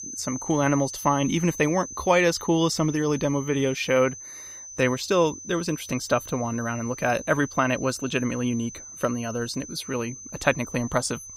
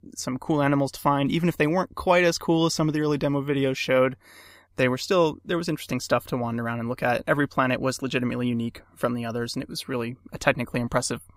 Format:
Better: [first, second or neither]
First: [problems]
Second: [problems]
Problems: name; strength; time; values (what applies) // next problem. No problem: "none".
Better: second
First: high-pitched whine; noticeable; throughout; 6 kHz, 10 dB below the speech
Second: none